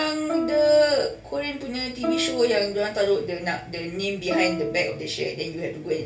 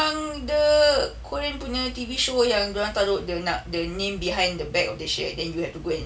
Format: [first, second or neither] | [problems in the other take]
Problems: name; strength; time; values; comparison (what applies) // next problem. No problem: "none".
second | background sound (Plucked string instrument); 7 dB below the speech // room echo; dies away in 0.3 s